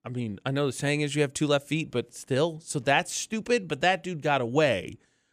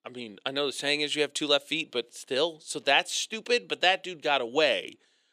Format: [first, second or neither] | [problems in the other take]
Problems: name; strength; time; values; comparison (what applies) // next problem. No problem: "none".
first | thin; somewhat; fading below 400 Hz